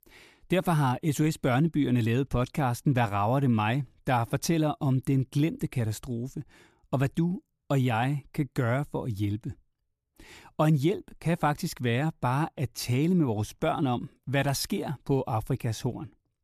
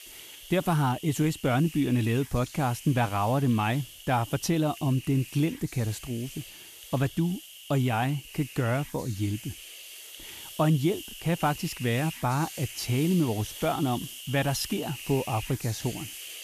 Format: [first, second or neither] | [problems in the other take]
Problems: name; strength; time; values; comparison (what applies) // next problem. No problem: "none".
first | hiss; noticeable; throughout; 15 dB below the speech